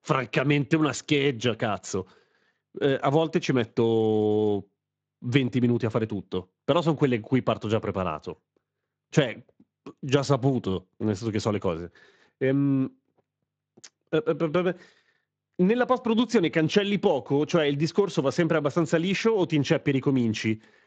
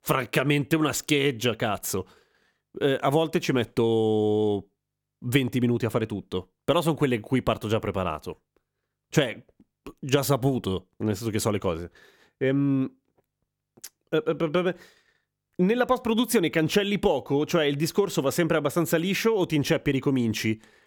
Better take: second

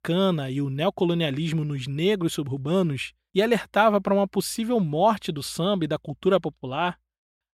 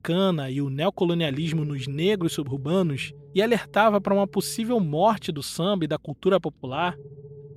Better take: first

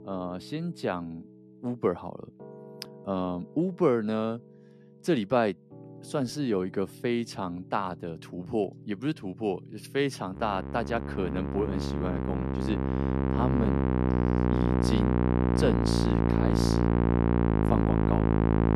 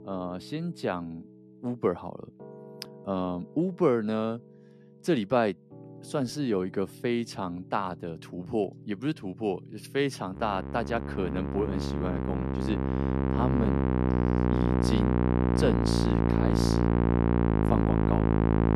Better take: neither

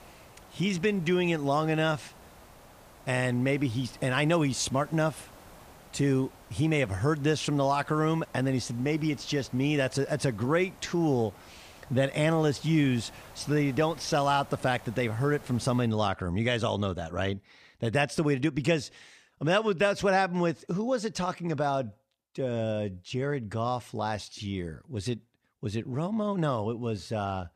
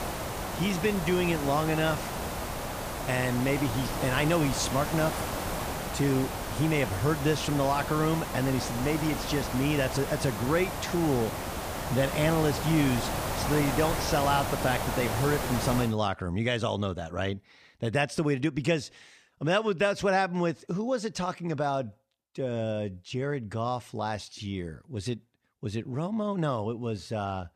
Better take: first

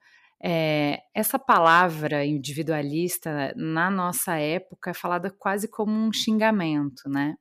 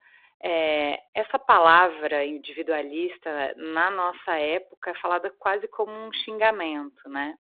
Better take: first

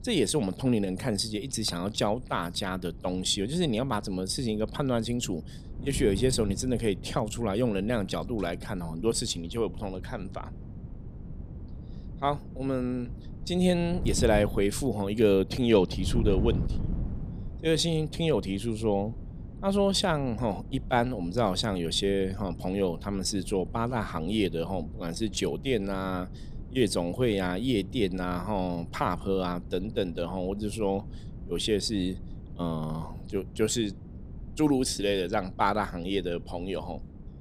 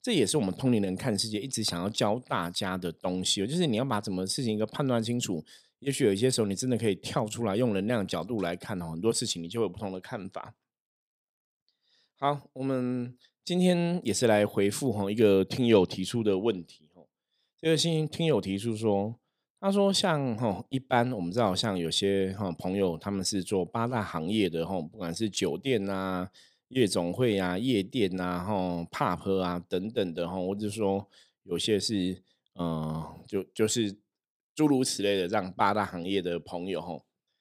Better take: second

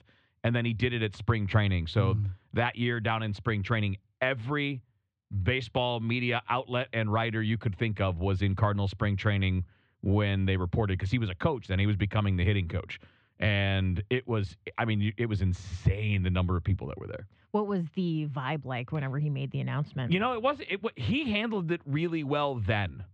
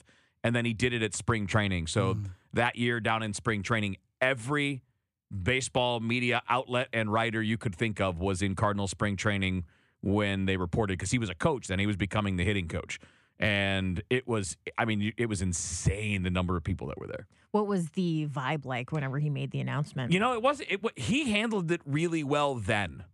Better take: second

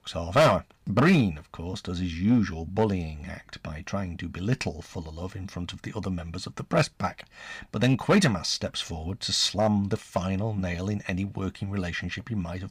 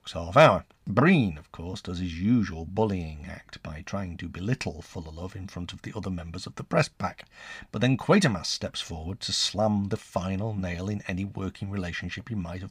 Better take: second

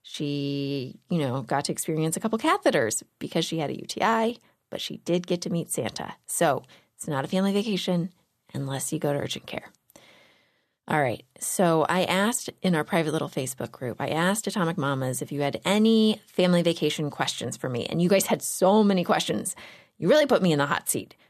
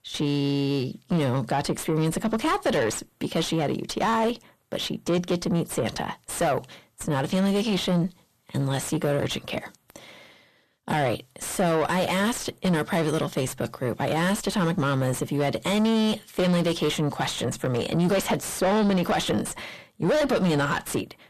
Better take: first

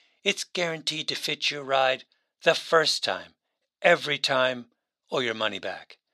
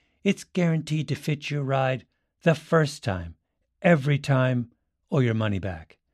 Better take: second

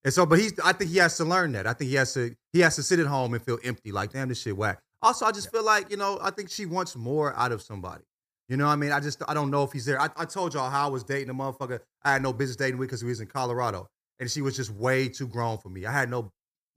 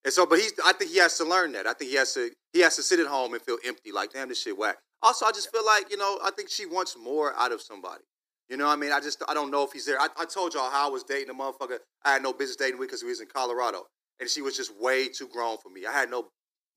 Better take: first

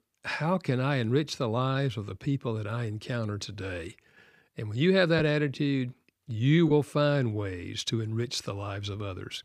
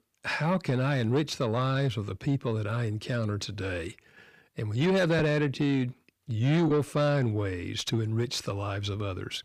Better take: first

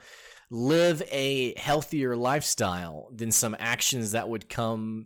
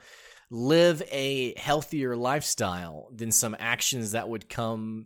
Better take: second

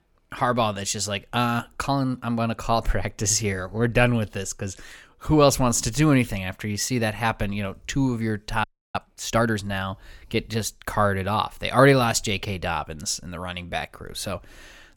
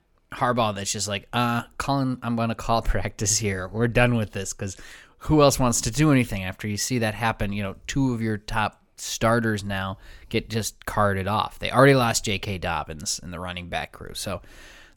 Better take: second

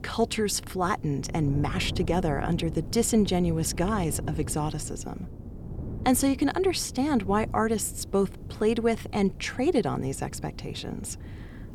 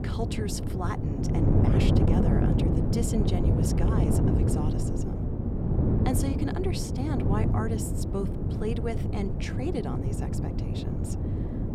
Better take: first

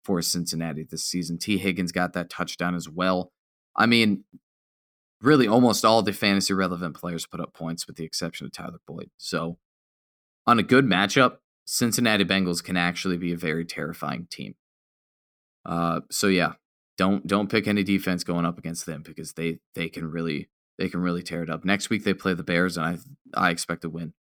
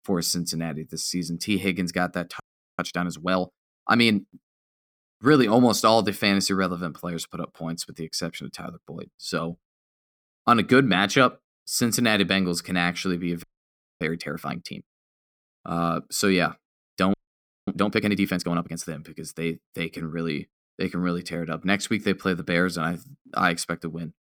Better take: first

